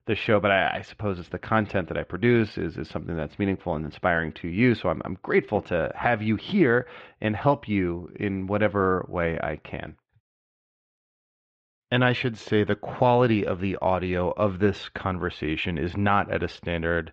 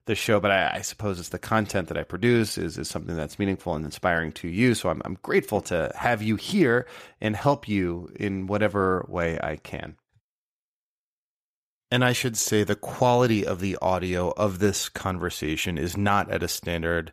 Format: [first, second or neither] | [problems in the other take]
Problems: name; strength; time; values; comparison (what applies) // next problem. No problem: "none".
second | muffled; very; fading above 3.5 kHz